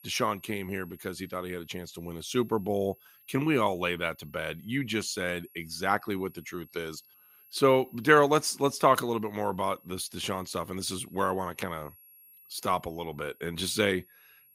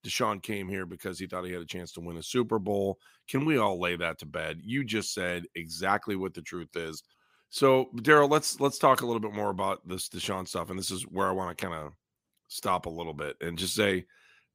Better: second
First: high-pitched whine; faint; throughout; 11.5 kHz, 25 dB below the speech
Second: none

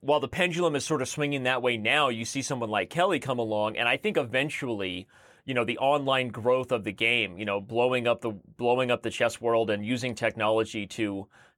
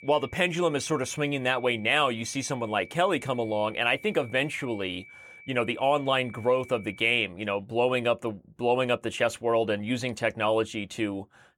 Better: first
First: none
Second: high-pitched whine; faint; until 7 s; 2.5 kHz, 20 dB below the speech

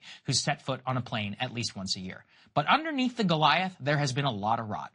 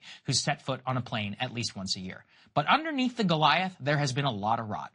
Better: neither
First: garbled, watery; slightly; nothing above 8.5 kHz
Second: garbled, watery; slightly; nothing above 8.5 kHz

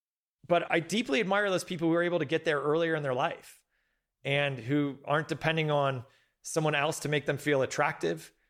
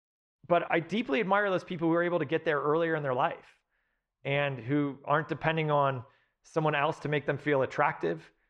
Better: first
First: none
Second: muffled; very; fading above 2.5 kHz

